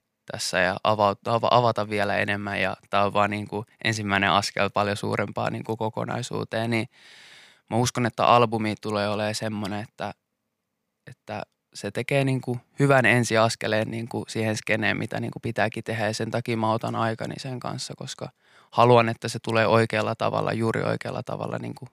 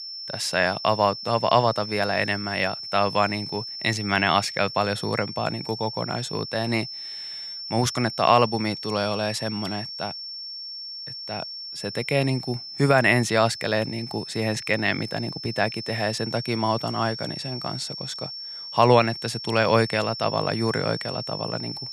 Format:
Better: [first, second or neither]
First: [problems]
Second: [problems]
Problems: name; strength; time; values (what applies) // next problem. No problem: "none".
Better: first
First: none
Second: high-pitched whine; loud; throughout; 5.5 kHz, 9 dB below the speech